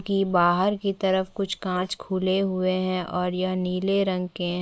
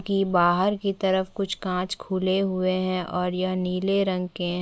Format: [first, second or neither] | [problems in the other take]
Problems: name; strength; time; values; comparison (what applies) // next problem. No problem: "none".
second | noise reduction (neural mask model Resemble Enhance denoiser)